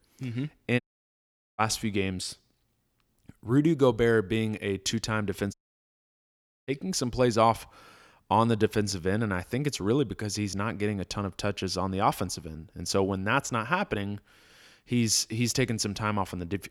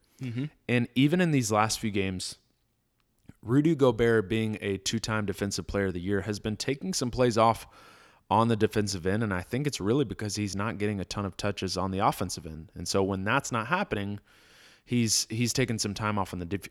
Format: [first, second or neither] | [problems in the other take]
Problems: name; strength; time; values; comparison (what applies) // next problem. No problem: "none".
second | audio cutting out; at 1 s for 1 s and at 5.5 s for 1 s